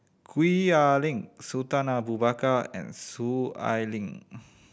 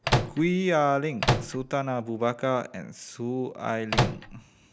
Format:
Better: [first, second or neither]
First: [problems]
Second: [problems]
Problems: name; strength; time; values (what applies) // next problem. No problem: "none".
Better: first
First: none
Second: background sound (Microwave oven); 2 dB above the speech